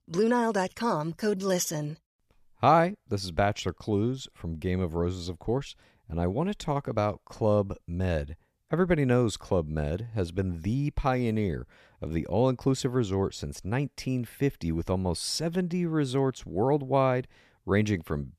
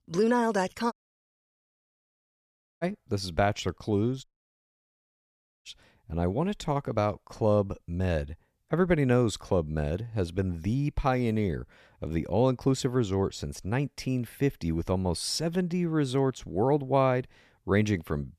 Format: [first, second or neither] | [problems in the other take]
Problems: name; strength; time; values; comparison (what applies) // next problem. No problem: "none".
first | audio cutting out; at 1 s for 2 s and at 4 s for 1.5 s